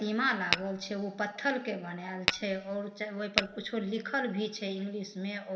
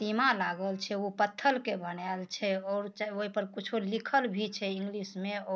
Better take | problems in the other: second | background sound (Tap / Glass); 1 dB below the speech // room echo; dies away in 2.8 s

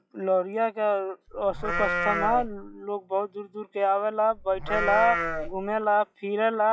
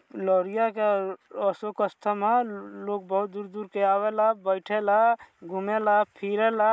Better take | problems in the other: second | noise reduction (classical method log-MMSE)

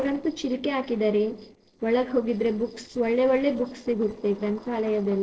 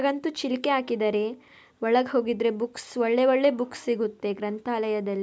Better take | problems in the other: second | noise reduction (neural separator model SepFormer DNS4)

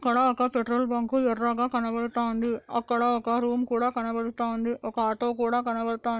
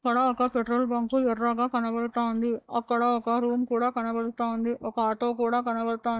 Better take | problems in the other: first | noise reduction (neural mask model DeepFilterNet 3)

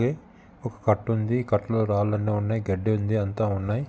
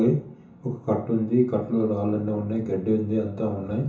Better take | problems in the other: first | room echo; dies away in 0.6 s

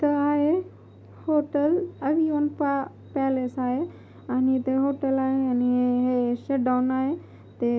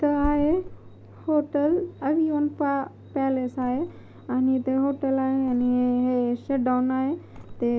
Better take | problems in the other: first | background sound (Thump, thud); 17 dB below the speech

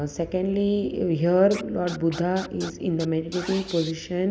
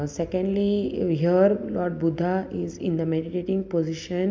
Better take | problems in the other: second | background sound (Scratching (performance technique)); 16 dB below the speech

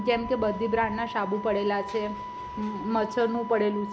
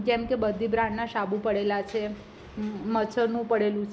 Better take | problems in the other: second | background sound (Wind instrument, woodwind instrument); 10 dB below the speech

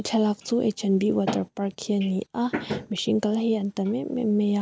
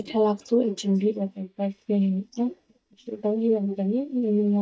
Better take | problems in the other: first | noise reduction (neural mask model DeepFilterNet 3)

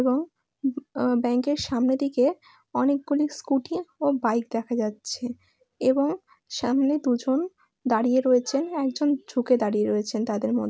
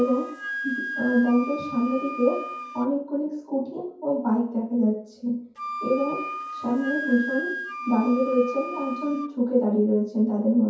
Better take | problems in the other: first | background sound (Wind instrument, woodwind instrument); 10 dB below the speech // room echo; dies away in 0.6 s

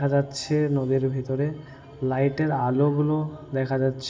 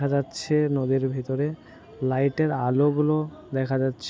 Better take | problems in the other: second | room echo; dies away in 1.4 s

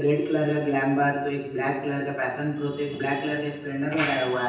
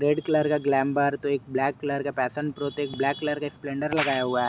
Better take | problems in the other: second | room echo; dies away in 0.9 s

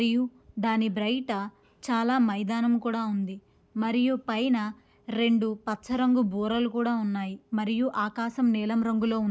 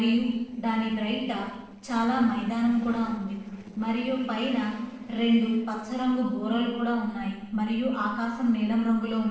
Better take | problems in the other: first | noise reduction (neural separator model SepFormer DNS4)

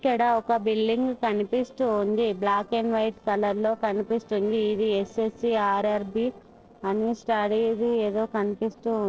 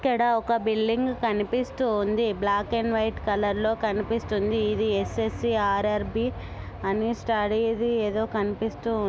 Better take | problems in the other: second | noise reduction (neural separator model SepFormer DNS4)

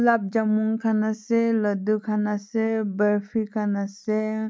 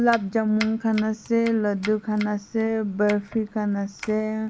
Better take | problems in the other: first | background sound (Domestic sounds, home sounds); 17 dB below the speech

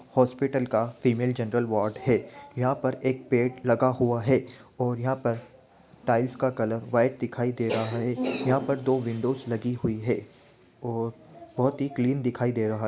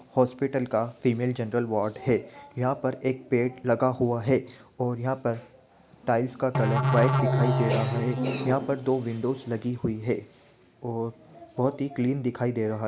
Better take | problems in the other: first | background sound (Musical instrument); 1 dB above the speech

